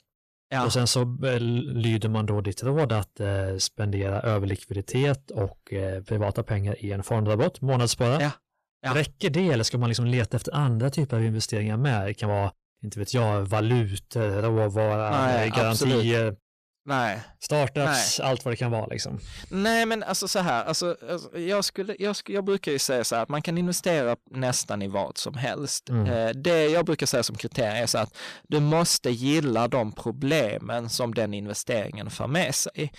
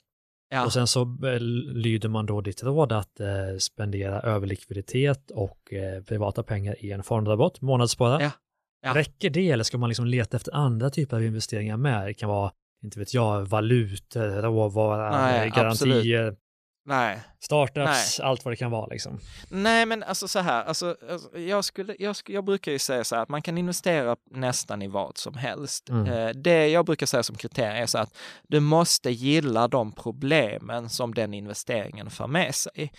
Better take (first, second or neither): second